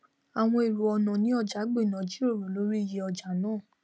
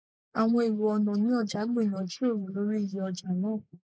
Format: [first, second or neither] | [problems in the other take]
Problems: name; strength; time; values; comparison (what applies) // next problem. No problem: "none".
first | noise reduction (neural mask model Resemble Enhance denoiser)